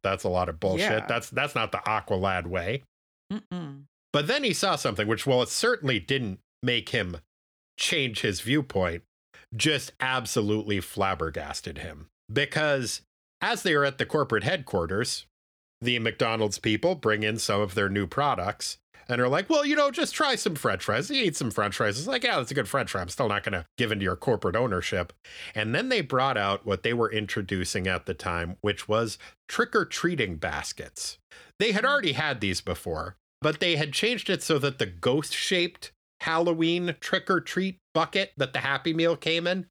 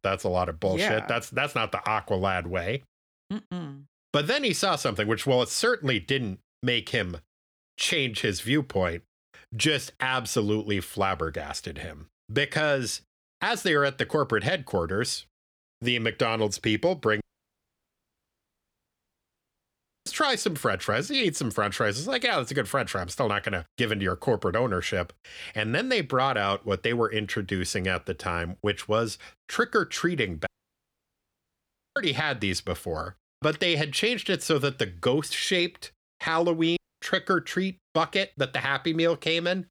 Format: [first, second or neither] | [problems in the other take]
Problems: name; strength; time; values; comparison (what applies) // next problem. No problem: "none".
first | audio cutting out; at 17 s for 3 s, at 30 s for 1.5 s and at 37 s